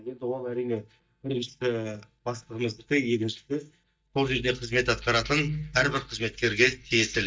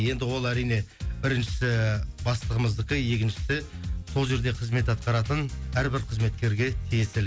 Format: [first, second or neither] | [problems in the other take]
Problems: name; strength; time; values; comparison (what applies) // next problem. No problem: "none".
second | noise reduction (neural mask model DeepFilterNet 3)